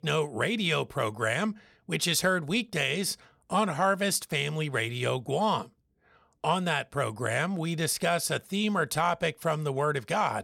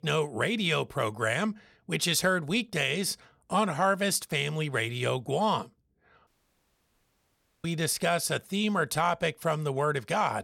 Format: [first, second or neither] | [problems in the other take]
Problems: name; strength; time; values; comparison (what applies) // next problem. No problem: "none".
first | audio cutting out; at 6.5 s for 1.5 s